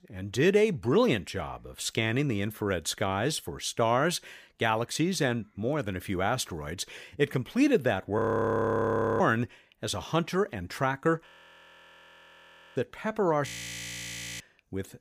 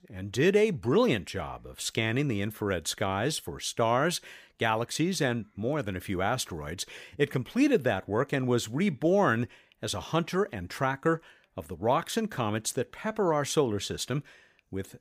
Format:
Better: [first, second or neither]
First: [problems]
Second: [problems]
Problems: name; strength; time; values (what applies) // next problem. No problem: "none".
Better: second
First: audio freezing; at 8 s for 1 s, at 11 s for 1.5 s and at 13 s for 1 s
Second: none